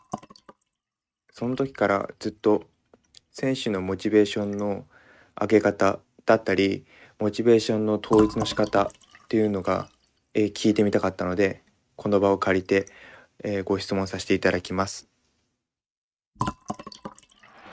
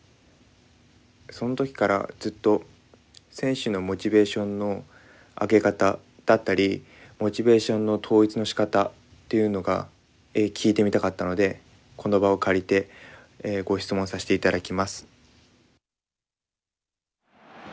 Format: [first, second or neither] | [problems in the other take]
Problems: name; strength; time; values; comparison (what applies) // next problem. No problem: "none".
second | noise reduction (neural mask model RNNoise)